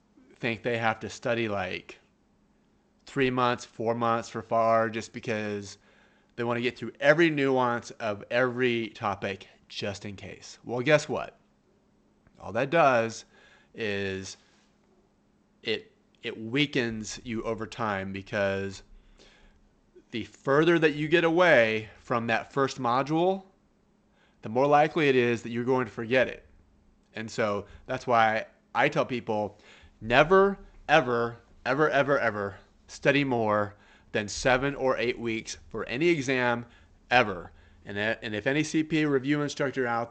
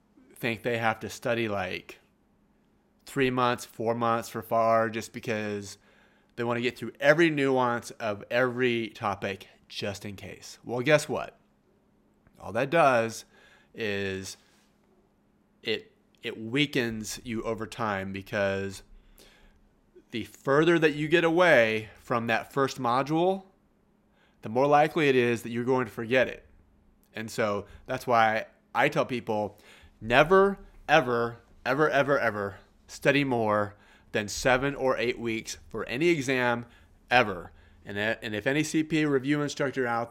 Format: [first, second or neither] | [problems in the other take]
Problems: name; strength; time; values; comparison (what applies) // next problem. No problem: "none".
second | garbled, watery; slightly; nothing above 8 kHz